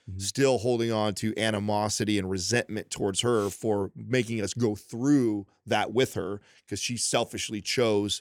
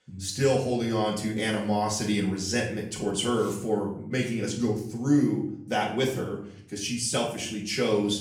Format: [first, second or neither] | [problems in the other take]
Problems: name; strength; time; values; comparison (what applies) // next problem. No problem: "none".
first | room echo; slight; dies away in 0.5 s // off-mic speech; far